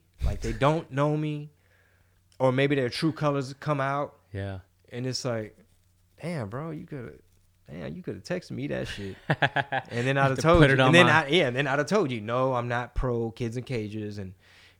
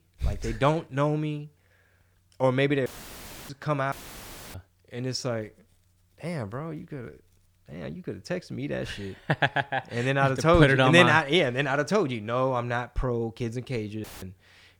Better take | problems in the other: first | audio cutting out; filled with static; at 3 s for 0.5 s, at 4 s for 0.5 s and at 14 s

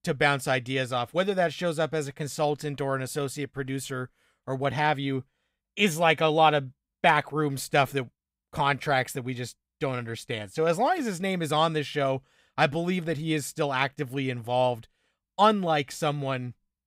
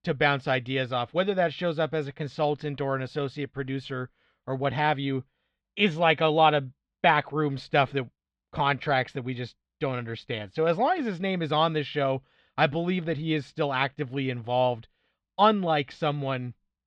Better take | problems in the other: first | muffled; slightly; fading above 4 kHz

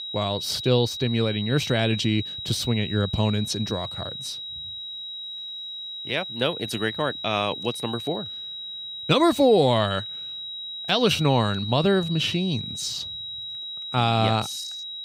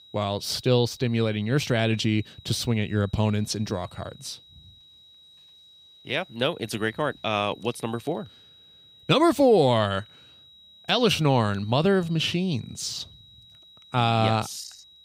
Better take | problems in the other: second | high-pitched whine; loud; throughout; 4 kHz, 8 dB below the speech; faint in the second

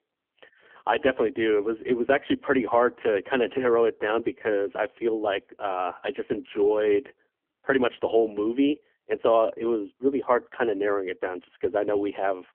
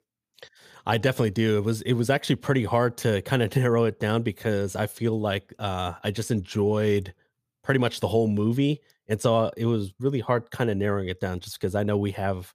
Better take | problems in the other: second | phone-call audio; poor line; nothing above 3.5 kHz

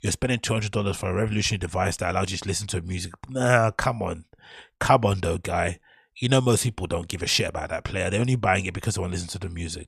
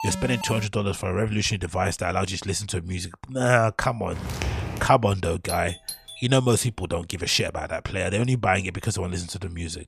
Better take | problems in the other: first | alarm; noticeable; at the start; peak 7 dB below the speech // footsteps; noticeable; at 4 s; peak 4 dB below the speech // doorbell; faint; at 5.5 s; peak 10 dB below the speech

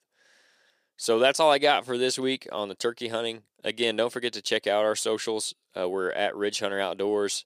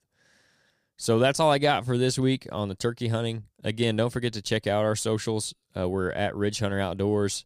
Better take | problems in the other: second | thin; somewhat; fading below 400 Hz

